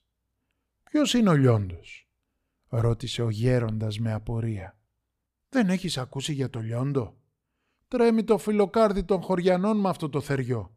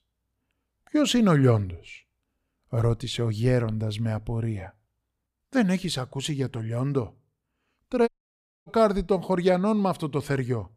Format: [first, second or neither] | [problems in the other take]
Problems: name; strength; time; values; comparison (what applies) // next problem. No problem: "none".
first | audio cutting out; at 8 s for 0.5 s